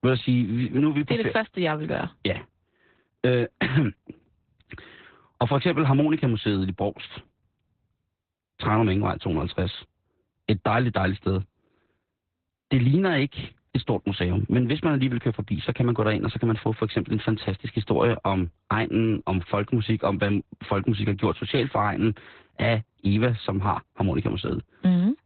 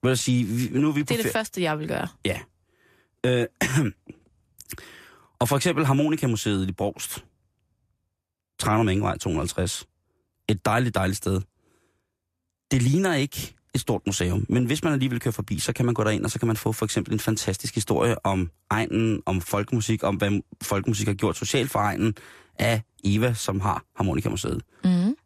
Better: second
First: garbled, watery; badly; nothing above 4 kHz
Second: none

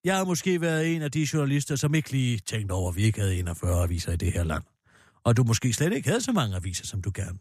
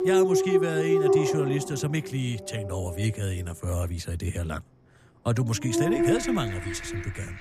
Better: first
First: none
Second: animal sounds; very loud; throughout; 4 dB above the speech

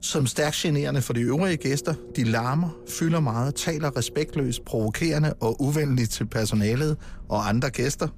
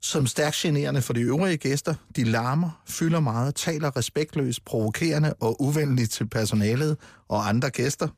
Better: second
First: low rumble; faint; throughout; 20 dB below the speech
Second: none

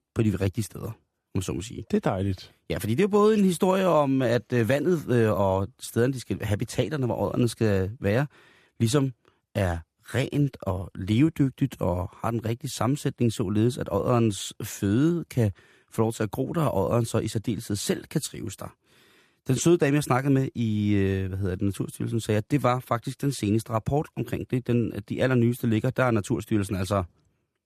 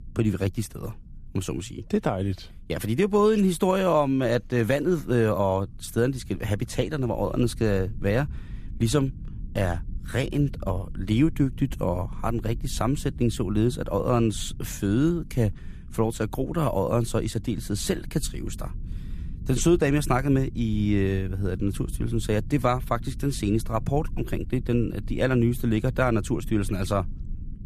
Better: first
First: none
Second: low rumble; faint; throughout; 25 dB below the speech

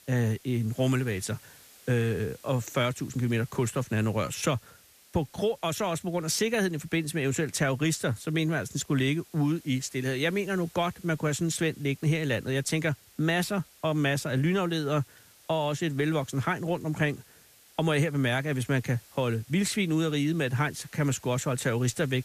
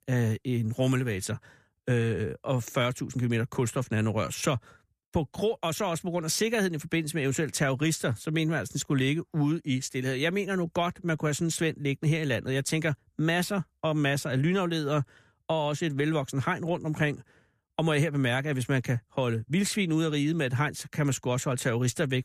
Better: second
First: hiss; faint; throughout; 25 dB below the speech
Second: none

